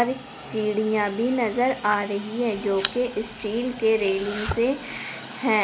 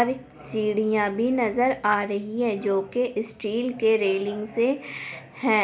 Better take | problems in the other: second | background sound (Domestic sounds, home sounds + Hiss); 12 dB below the speech

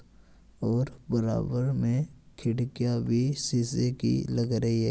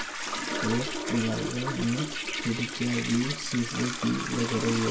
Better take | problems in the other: first | background sound (Toilet flush); 3 dB below the speech // room echo; dies away in 0.2 s

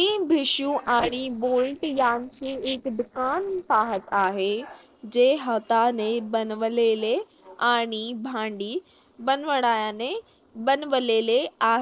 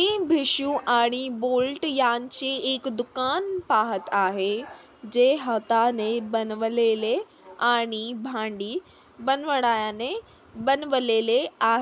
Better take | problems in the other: second | noise reduction (neural separator model SepFormer DNS4)

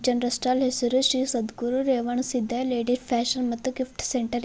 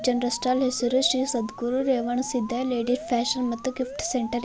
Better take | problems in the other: first | background sound (Alarm); 14 dB below the speech

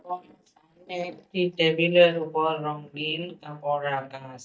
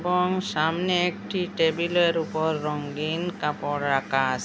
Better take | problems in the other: second | noise reduction (neural mask model DeepFilterNet 3)

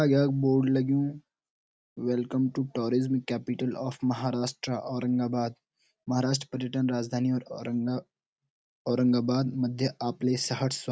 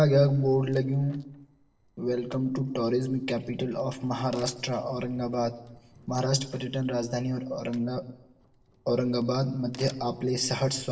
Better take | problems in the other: first | noise reduction (neural separator model SepFormer DNS4)

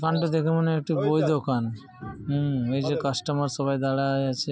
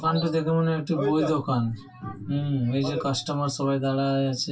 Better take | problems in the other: first | room echo; dies away in 0.1 s

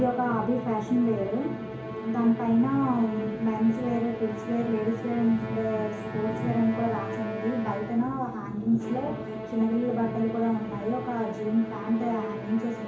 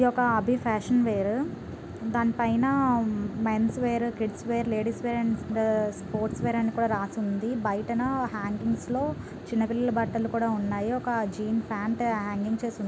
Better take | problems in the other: second | background sound (Musical instrument); 10 dB below the speech // room echo; dies away in 0.7 s

